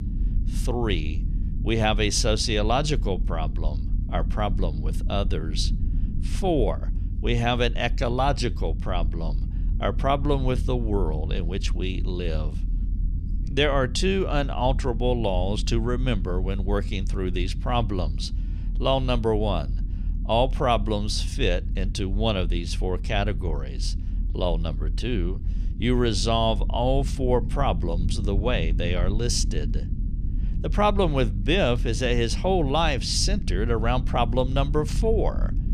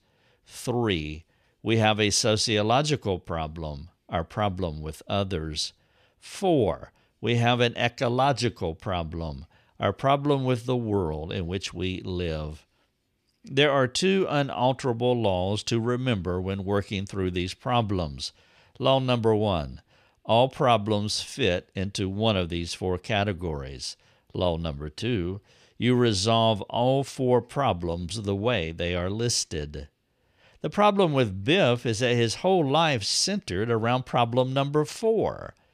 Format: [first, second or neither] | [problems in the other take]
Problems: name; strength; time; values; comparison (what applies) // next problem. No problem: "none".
second | low rumble; noticeable; throughout; 20 dB below the speech